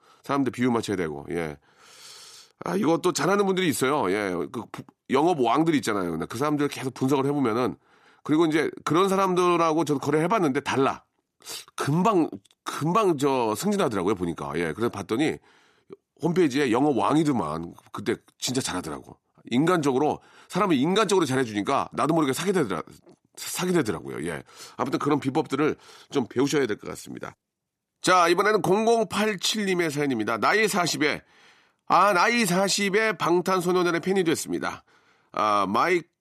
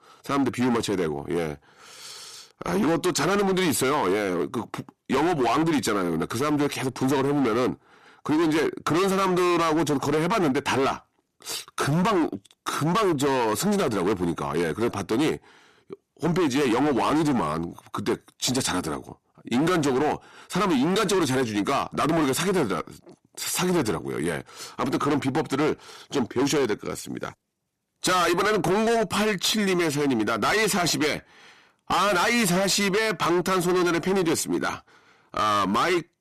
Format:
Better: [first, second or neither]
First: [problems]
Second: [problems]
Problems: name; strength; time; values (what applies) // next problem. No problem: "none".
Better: first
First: none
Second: distortion; heavy; 20% of the sound clipped